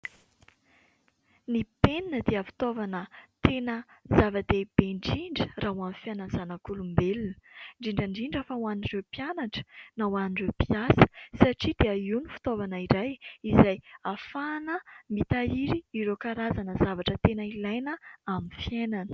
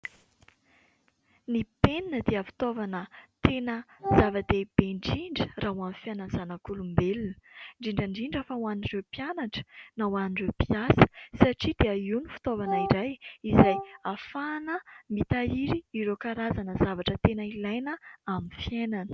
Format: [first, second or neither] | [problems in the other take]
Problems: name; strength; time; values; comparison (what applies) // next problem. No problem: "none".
first | background sound (Wind instrument, woodwind instrument); 4 dB below the speech